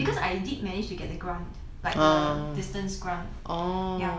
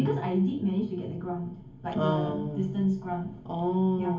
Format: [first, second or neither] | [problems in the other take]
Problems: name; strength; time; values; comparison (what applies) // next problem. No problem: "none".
first | room echo; dies away in 0.3 s